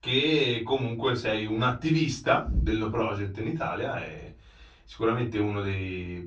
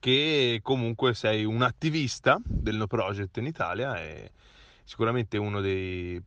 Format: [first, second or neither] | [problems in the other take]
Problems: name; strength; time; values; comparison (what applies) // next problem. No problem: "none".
second | off-mic speech; far // room echo; very slight; dies away in 0.2 s